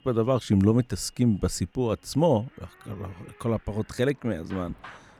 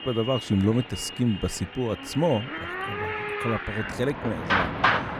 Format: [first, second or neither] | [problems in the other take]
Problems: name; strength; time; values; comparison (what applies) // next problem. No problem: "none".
first | traffic noise; loud; throughout; 2 dB below the speech; faint in the first